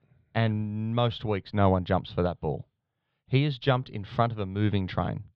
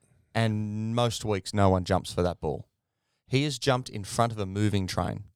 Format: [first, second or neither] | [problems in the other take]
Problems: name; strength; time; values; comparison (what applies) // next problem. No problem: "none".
second | muffled; slightly; fading above 3.5 kHz